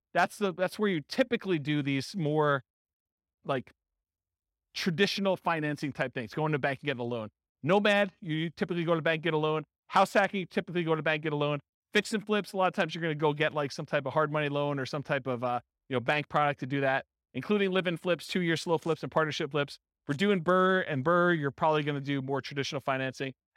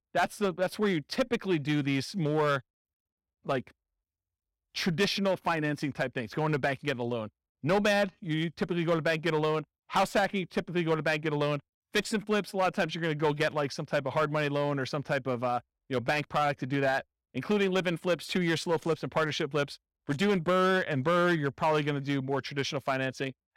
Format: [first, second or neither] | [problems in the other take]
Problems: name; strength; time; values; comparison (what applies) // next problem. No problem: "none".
first | distortion; slight; 4% of the sound clipped